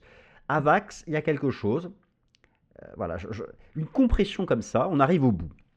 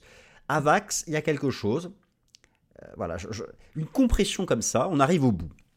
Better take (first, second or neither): second